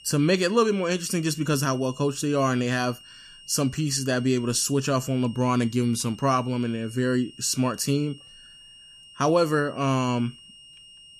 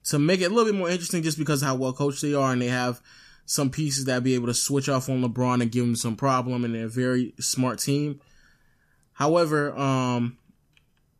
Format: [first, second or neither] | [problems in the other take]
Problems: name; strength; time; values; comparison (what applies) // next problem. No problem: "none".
second | high-pitched whine; faint; throughout; 3 kHz, 20 dB below the speech